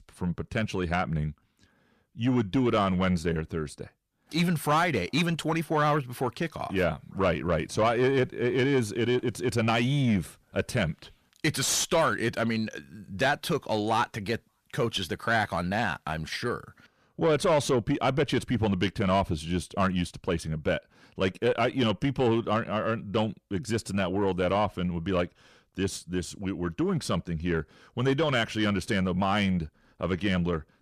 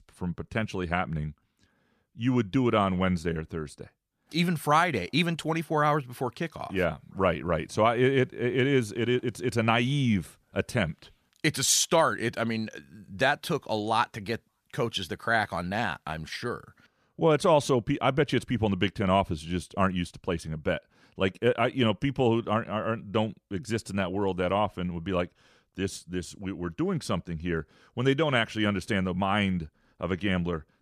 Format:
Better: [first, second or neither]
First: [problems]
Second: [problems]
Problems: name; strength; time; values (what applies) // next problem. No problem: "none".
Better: second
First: distortion; slight; 10 dB below the speech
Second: none